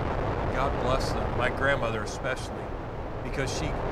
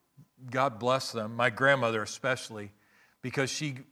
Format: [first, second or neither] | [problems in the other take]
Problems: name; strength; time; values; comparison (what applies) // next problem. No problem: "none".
second | wind noise on the microphone; heavy; 3 dB below the speech